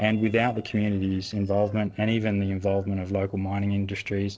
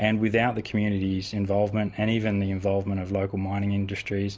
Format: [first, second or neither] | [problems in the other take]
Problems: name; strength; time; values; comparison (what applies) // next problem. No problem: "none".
second | noise reduction (neural separator model SepFormer DNS4)